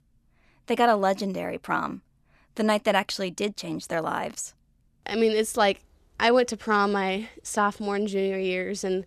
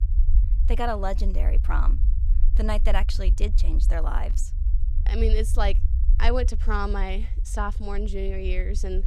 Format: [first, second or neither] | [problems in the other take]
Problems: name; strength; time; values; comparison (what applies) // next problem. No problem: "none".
first | low rumble; noticeable; throughout; 15 dB below the speech